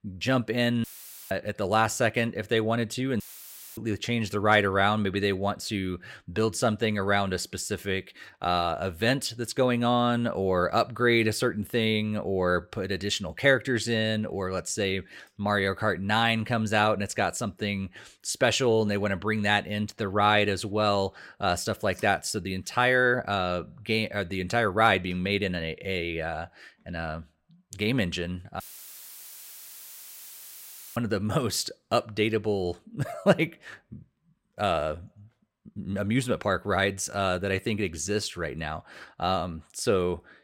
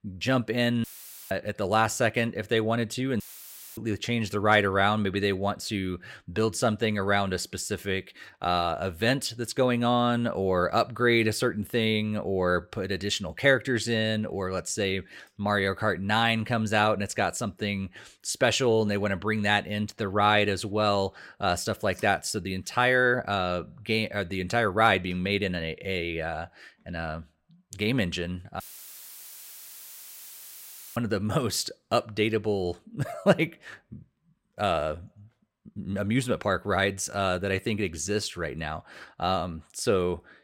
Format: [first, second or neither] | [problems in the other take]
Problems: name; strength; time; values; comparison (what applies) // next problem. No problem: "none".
neither | audio cutting out; filled with static; at 1 s, at 3 s for 0.5 s and at 29 s for 2.5 s; the same in both